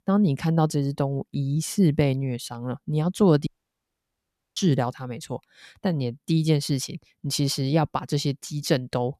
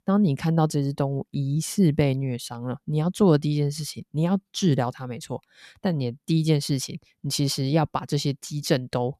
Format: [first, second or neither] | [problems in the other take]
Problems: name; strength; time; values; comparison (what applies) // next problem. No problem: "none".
second | audio cutting out; at 3.5 s for 1 s